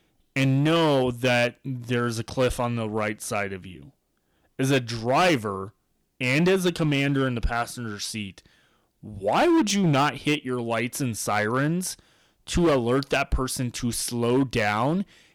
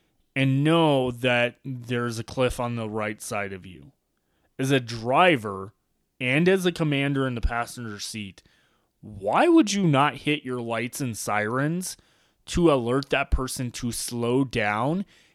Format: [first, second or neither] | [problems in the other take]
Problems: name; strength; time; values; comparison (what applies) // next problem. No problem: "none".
second | distortion; slight; 6% of the sound clipped